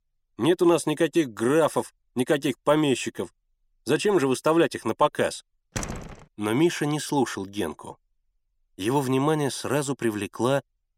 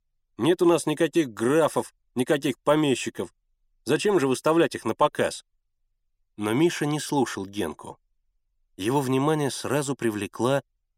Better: second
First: door banging; noticeable; at 6 s; peak 8 dB below the speech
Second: none

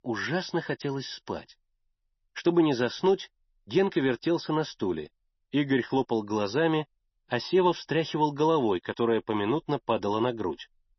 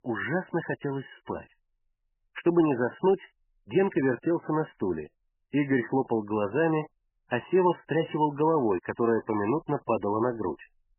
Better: first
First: garbled, watery; slightly; nothing above 6 kHz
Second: garbled, watery; badly; nothing above 3 kHz

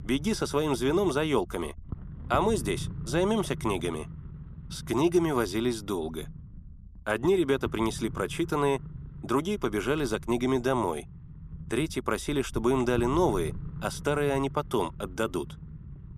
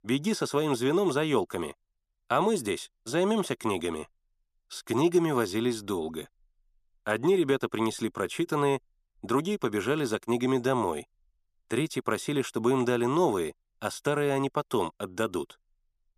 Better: second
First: low rumble; faint; throughout; 20 dB below the speech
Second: none

